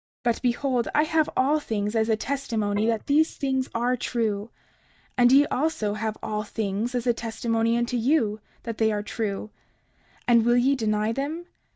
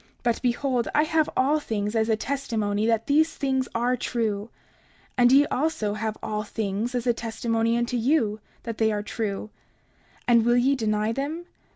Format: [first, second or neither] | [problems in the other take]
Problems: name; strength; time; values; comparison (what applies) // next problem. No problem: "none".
second | noise reduction (neural mask model DeepFilterNet 3)